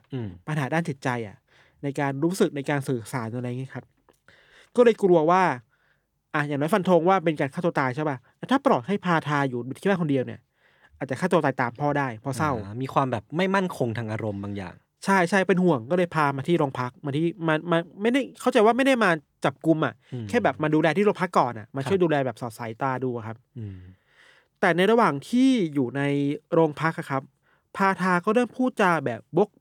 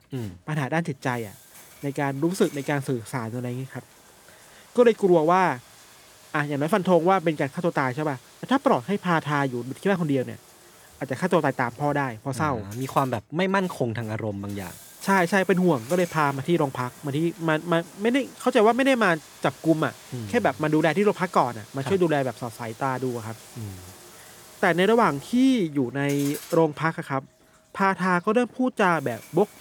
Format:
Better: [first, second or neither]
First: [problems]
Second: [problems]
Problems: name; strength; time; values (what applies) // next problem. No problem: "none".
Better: first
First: none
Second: household noises; faint; throughout; 20 dB below the speech